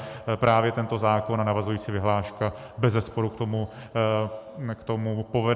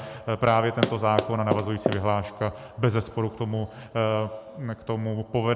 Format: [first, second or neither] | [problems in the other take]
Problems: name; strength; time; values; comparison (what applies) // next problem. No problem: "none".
first | background sound (Run); 2 dB below the speech